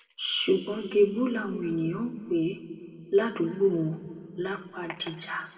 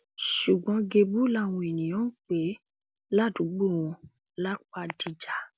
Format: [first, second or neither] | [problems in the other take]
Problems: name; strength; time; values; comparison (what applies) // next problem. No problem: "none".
second | room echo; dies away in 2.1 s